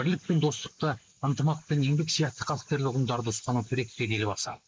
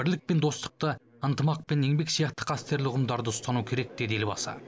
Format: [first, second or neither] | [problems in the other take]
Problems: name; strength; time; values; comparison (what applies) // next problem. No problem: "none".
second | noise reduction (neural mask model Resemble Enhance denoiser)